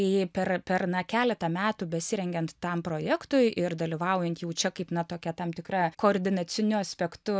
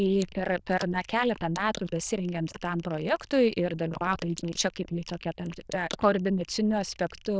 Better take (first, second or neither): first